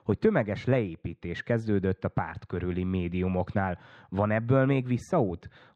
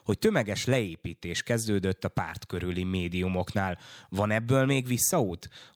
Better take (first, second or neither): second